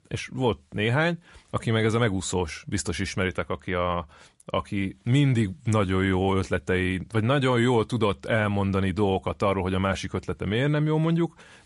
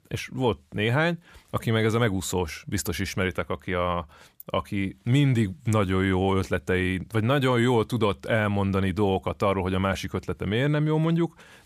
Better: second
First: garbled, watery; slightly; nothing above 11 kHz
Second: none

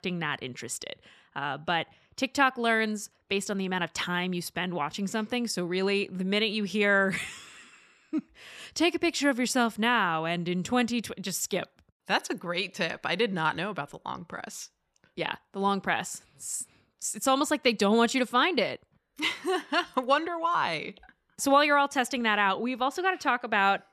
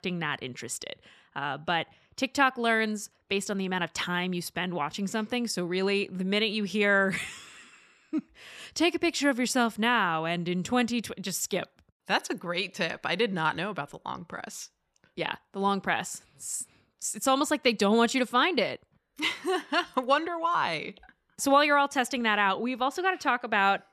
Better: neither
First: none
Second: none

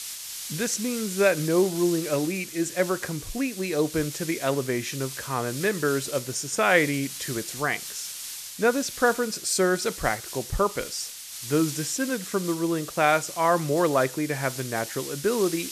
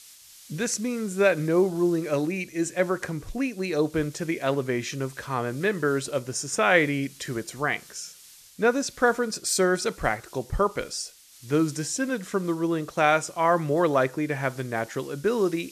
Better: second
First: hiss; loud; throughout; 9 dB below the speech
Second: hiss; faint; throughout; 25 dB below the speech

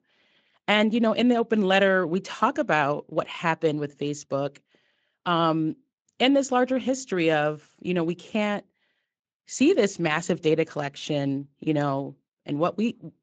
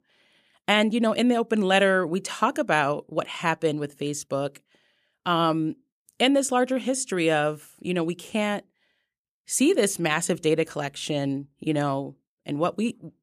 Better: second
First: garbled, watery; slightly; nothing above 7.5 kHz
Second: none

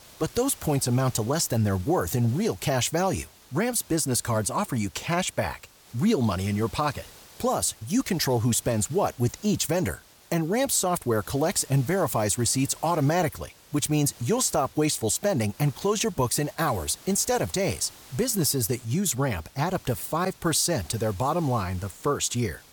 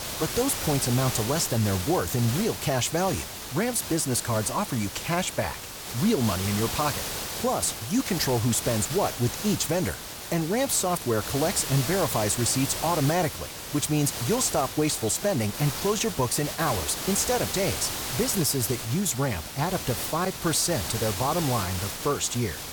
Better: first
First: hiss; faint; throughout; 25 dB below the speech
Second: hiss; loud; throughout; 6 dB below the speech

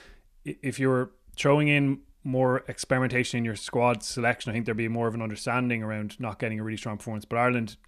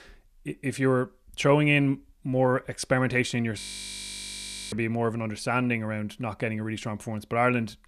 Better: first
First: none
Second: audio freezing; at 3.5 s for 1 s

